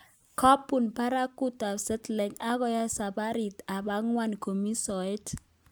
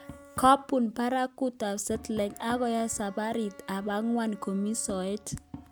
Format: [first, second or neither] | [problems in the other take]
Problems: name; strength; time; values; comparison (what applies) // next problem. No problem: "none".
first | background sound (Bowed string instrument + Tap); 19 dB below the speech